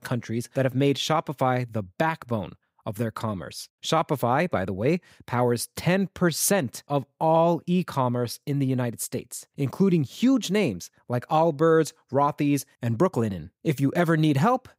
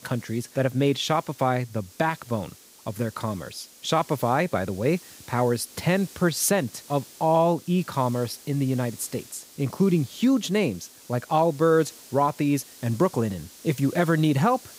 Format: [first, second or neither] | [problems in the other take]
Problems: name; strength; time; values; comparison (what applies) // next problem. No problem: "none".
first | hiss; faint; throughout; 20 dB below the speech